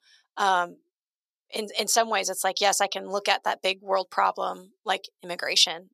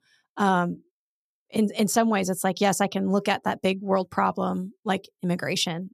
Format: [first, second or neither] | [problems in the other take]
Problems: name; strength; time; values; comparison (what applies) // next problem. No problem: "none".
second | thin; very; fading below 600 Hz